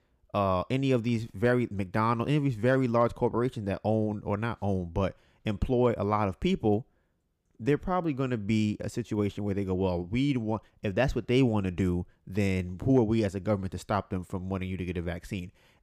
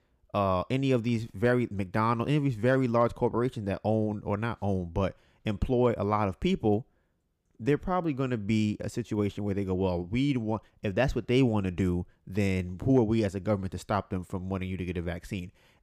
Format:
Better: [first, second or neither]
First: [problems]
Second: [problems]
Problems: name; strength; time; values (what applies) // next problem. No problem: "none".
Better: neither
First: none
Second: none